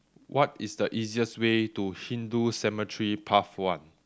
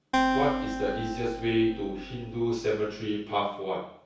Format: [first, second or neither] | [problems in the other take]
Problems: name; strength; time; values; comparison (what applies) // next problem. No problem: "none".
first | background sound (Acoustic guitar); 3 dB below the speech // room echo; dies away in 0.6 s